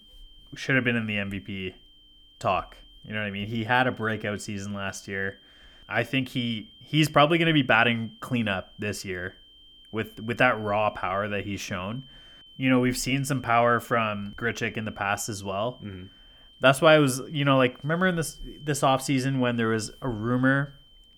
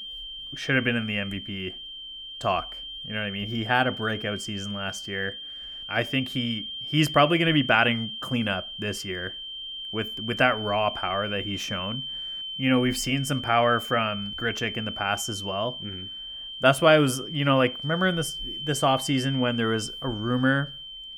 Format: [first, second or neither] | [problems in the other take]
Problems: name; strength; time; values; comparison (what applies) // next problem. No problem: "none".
first | high-pitched whine; loud; throughout; 3 kHz, 8 dB below the speech; faint in the first